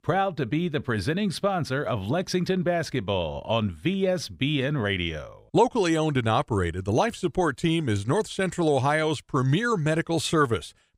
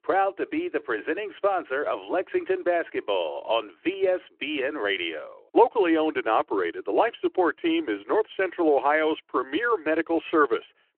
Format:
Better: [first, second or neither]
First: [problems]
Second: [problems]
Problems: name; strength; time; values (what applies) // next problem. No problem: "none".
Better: first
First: none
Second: phone-call audio